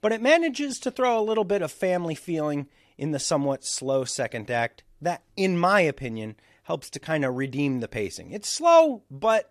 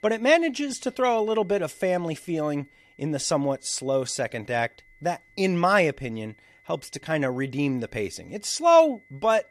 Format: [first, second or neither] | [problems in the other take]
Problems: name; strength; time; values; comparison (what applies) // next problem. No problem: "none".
first | high-pitched whine; faint; throughout; 2 kHz, 30 dB below the speech